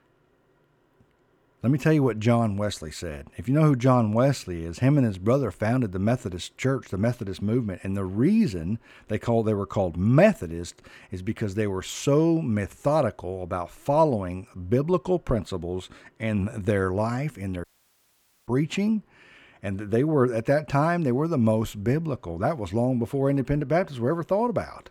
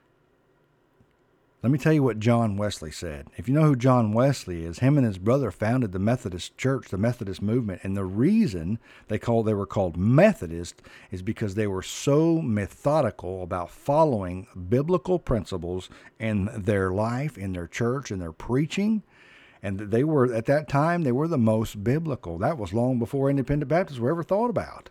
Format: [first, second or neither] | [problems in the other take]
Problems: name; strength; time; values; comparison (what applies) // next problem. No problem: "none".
second | audio cutting out; at 18 s for 1 s